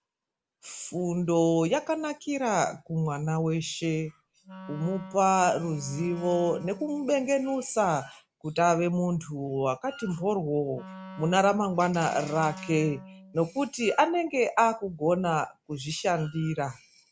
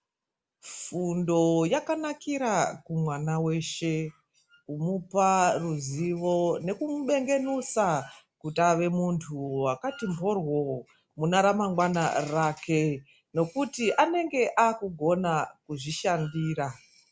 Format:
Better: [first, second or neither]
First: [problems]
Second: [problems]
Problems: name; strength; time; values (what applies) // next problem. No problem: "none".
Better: second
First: background sound (Wind instrument, woodwind instrument); 17 dB below the speech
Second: none